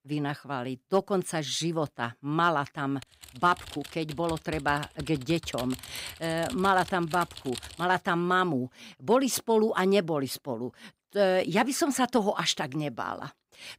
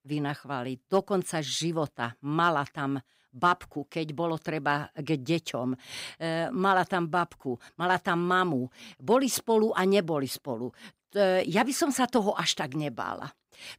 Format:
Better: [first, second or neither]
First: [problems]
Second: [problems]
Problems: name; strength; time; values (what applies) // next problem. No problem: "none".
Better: second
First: keyboard typing; faint; from 3 to 8 s; peak 10 dB below the speech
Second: none